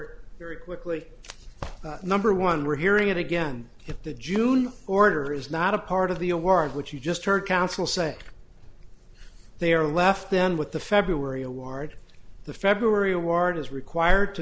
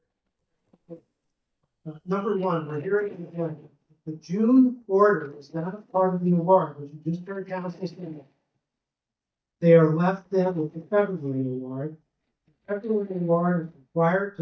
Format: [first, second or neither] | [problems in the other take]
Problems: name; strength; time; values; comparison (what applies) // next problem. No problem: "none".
first | noise reduction (neural mask model DeepFilterNet 3)